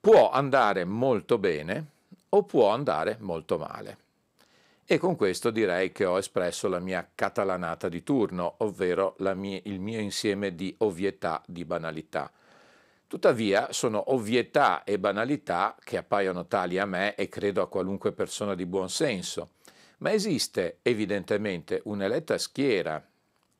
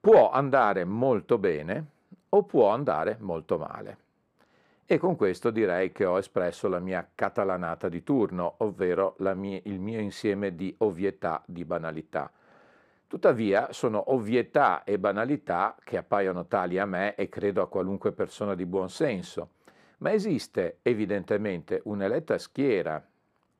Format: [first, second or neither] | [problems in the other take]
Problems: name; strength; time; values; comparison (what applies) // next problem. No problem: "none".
first | muffled; slightly; fading above 3 kHz